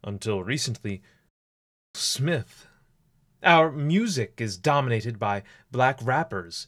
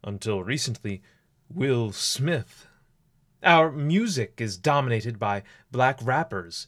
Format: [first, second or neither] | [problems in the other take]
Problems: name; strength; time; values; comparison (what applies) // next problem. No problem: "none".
second | audio cutting out; at 1.5 s for 0.5 s